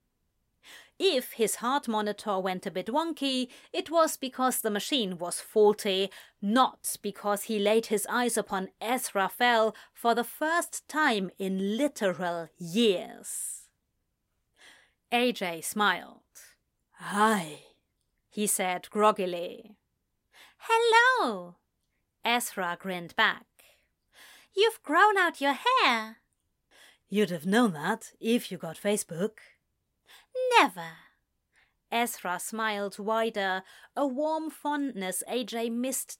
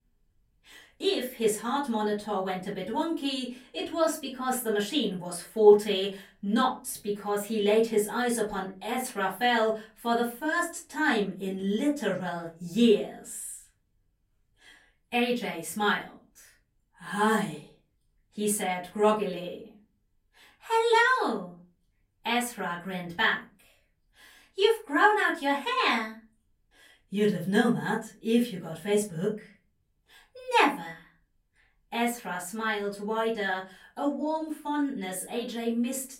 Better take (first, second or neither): first